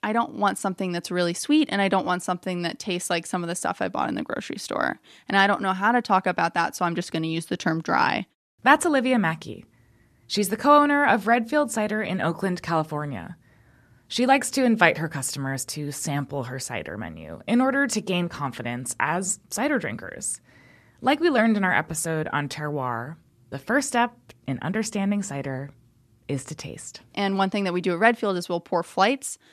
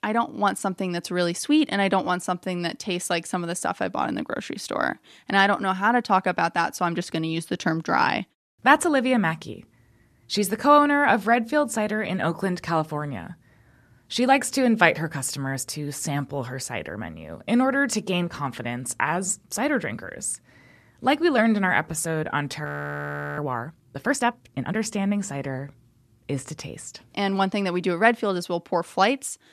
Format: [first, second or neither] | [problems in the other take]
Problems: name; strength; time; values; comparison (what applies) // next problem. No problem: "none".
first | audio freezing; at 23 s for 0.5 s